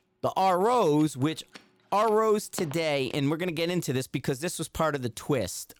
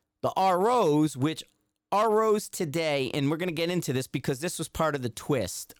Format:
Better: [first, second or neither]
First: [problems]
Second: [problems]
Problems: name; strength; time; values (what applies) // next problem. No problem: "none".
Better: second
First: household noises; faint; throughout; 20 dB below the speech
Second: none